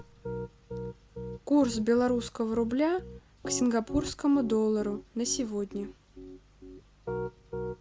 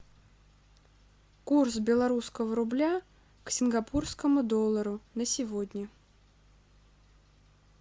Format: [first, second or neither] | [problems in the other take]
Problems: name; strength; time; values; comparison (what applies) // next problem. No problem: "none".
second | background sound (Piano); 11 dB below the speech